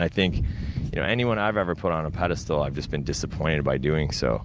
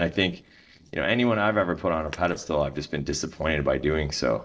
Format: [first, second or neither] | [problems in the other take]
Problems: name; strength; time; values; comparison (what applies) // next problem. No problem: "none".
first | noise reduction (neural separator model SepFormer DNS4)